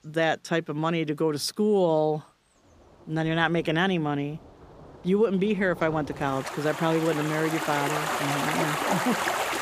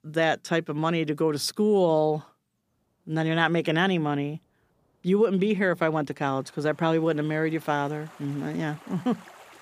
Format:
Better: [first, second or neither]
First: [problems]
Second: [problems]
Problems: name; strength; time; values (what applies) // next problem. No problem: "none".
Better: second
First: rain or running water; loud; throughout; 3 dB below the speech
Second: rain or running water; faint; throughout; 25 dB below the speech